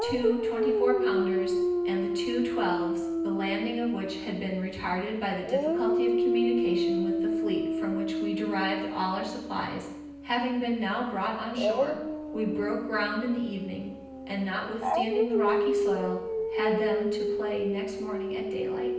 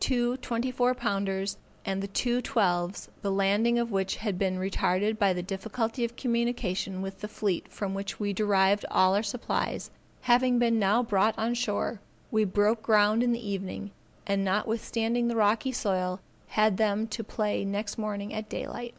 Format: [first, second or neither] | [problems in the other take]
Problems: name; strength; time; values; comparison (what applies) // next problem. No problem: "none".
second | background sound (Dog); 2 dB above the speech // room echo; dies away in 0.9 s